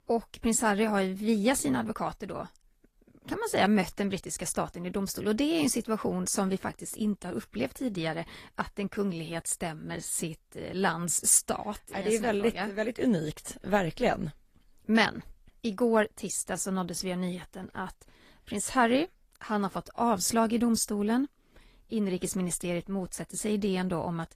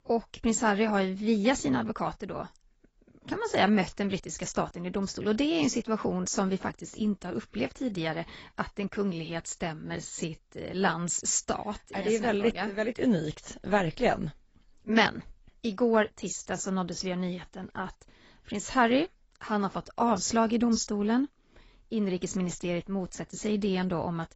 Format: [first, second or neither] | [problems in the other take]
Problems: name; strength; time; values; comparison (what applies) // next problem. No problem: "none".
first | garbled, watery; badly; nothing above 7.5 kHz; slightly in the first